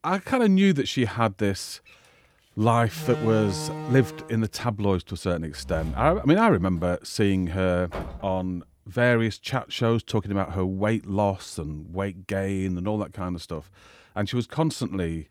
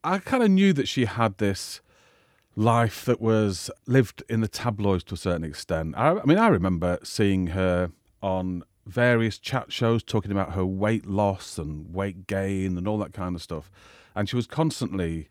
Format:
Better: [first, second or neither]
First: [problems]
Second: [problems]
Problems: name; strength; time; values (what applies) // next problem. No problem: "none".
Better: second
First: door banging; noticeable; from 2 to 8.5 s; peak 7 dB below the speech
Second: none